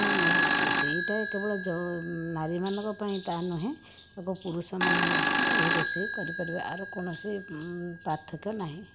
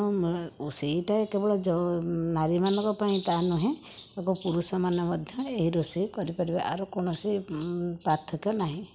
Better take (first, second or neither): second